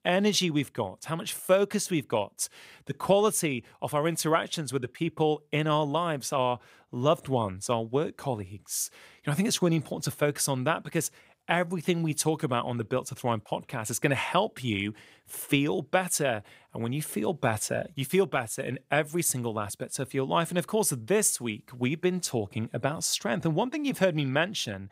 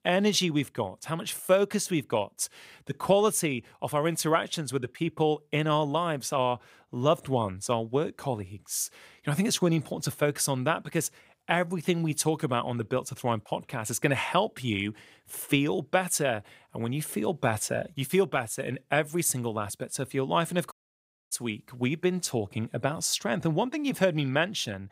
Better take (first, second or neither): first